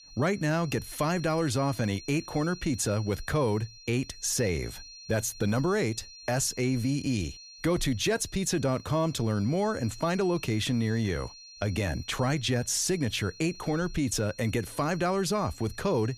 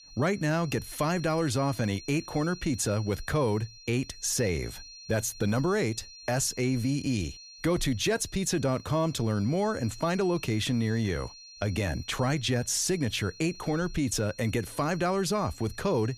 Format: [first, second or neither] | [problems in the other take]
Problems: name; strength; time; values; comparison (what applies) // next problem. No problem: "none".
neither | high-pitched whine; noticeable; throughout; 4 kHz, 15 dB below the speech; the same in both